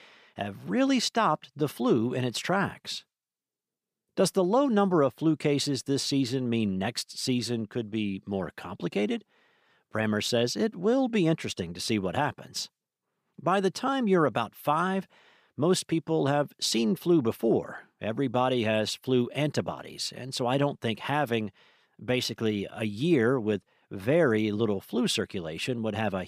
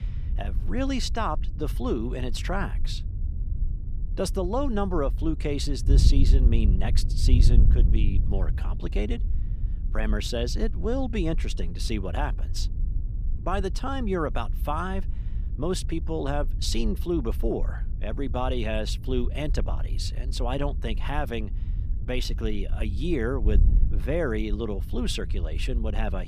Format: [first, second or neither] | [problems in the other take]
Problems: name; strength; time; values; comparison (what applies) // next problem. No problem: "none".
first | wind noise on the microphone; occasional gusts; 15 dB below the speech